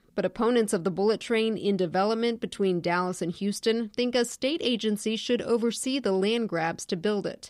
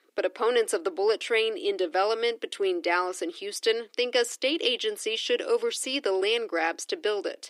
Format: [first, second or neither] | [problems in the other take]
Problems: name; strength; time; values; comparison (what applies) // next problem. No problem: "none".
first | thin; very; fading below 300 Hz